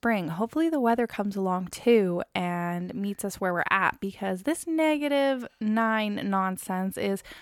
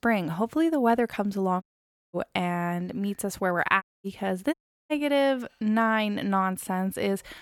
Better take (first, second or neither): first